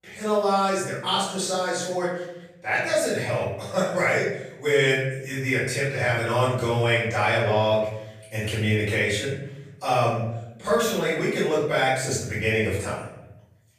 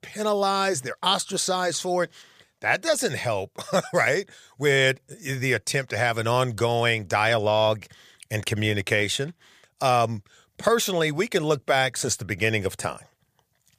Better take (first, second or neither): second